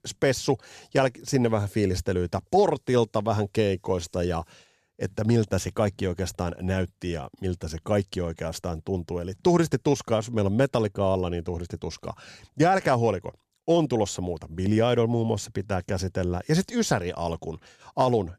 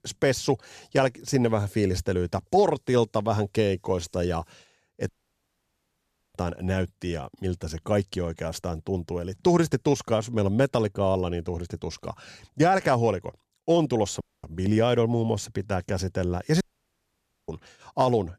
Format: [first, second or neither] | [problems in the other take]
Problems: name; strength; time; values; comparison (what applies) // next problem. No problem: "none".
first | audio cutting out; at 5 s for 1.5 s, at 14 s and at 17 s for 1 s